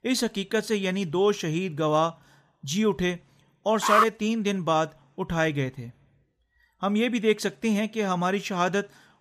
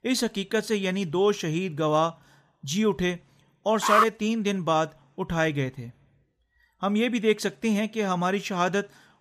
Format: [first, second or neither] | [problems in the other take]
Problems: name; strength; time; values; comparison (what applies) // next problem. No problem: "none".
neither | alarm; loud; at 4 s; peak 4 dB above the speech; the same in both